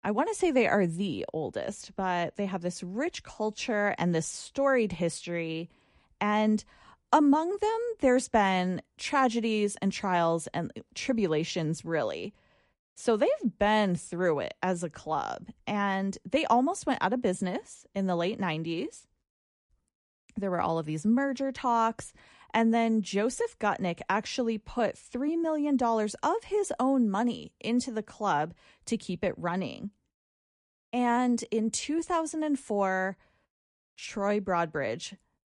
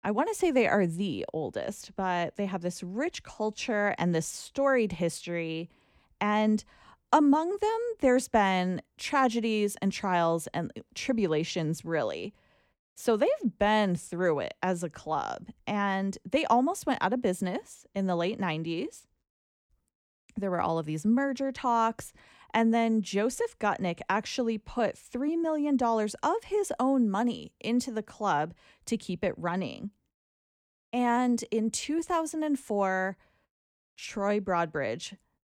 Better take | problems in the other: second | garbled, watery; slightly; nothing above 11 kHz

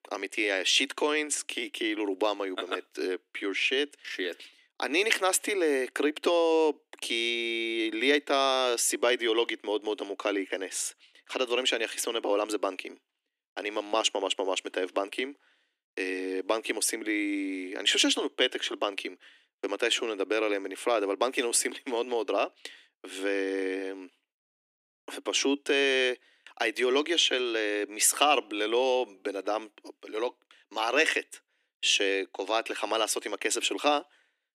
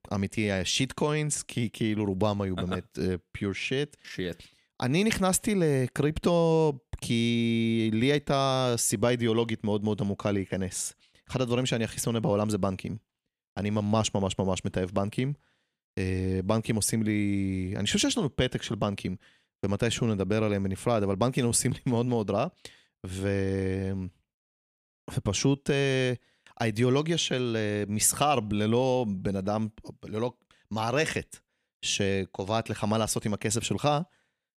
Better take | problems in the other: second | thin; somewhat; fading below 300 Hz

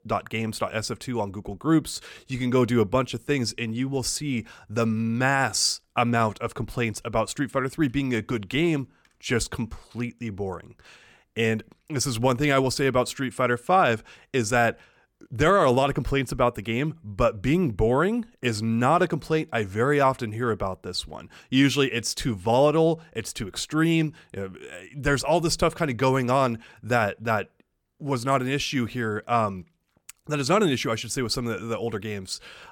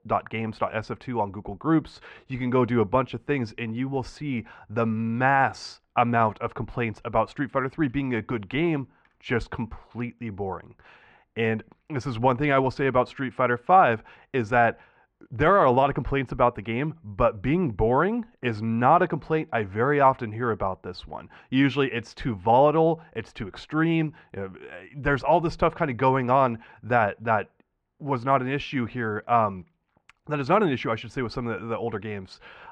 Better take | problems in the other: first | muffled; very; fading above 2 kHz

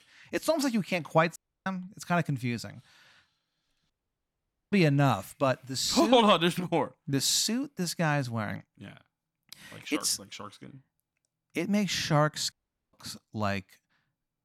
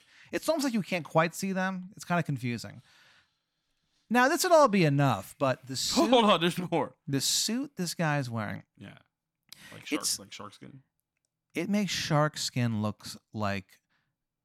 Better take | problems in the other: second | audio cutting out; at 1.5 s, at 4 s for 1 s and at 13 s

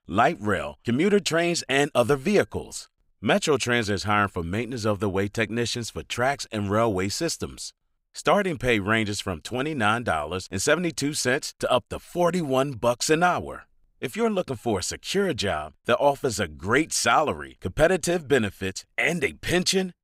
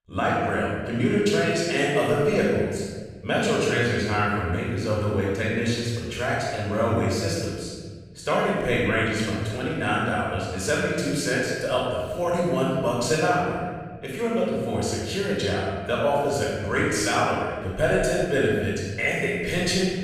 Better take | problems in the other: first | off-mic speech; far // room echo; strong; dies away in 1.6 s

